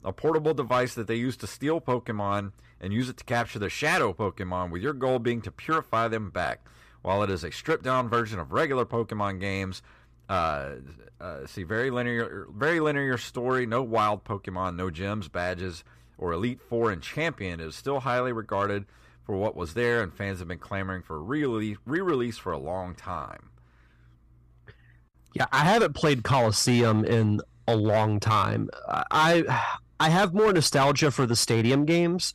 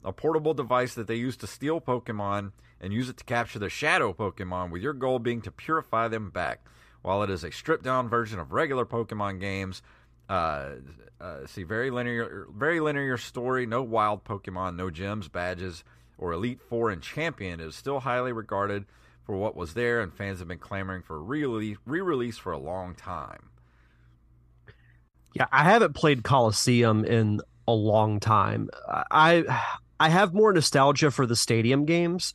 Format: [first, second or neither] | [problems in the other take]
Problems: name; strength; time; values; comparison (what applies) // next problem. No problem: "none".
second | distortion; slight; 4% of the sound clipped